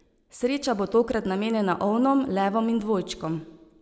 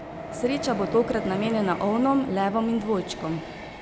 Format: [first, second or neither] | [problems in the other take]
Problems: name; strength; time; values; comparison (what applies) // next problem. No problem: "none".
first | background sound (Train); 9 dB below the speech